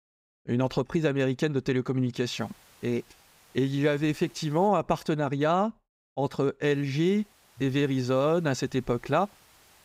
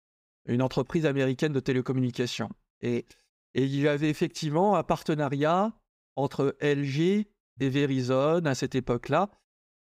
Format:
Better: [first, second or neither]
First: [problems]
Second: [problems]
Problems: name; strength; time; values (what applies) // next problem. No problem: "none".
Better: second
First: hiss; faint; from 2.5 to 4.5 s and from 6.5 s on; 30 dB below the speech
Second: none